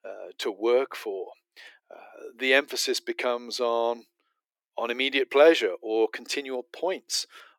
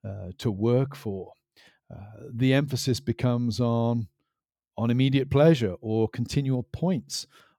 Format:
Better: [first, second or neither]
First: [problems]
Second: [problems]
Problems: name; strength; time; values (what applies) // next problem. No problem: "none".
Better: second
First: thin; very; fading below 350 Hz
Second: none